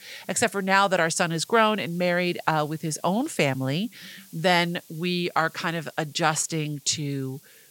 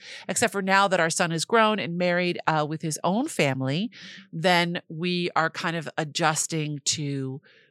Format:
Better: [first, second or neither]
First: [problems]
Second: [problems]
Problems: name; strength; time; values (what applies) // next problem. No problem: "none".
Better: second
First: hiss; faint; throughout; 25 dB below the speech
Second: none